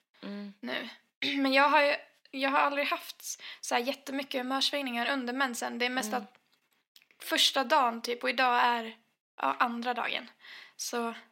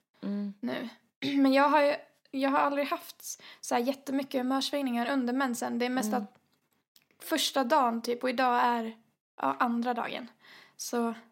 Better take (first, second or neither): second